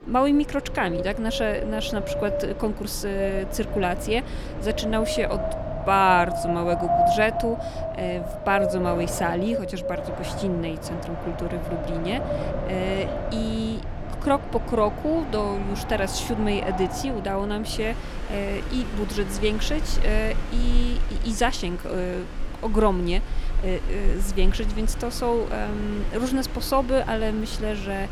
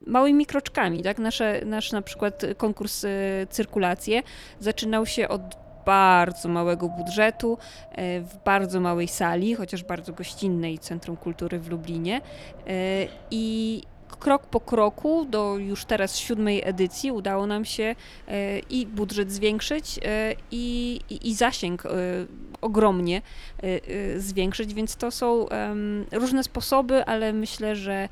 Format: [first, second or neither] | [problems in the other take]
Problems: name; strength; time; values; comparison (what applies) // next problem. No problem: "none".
second | wind in the background; loud; throughout; 4 dB below the speech; faint in the second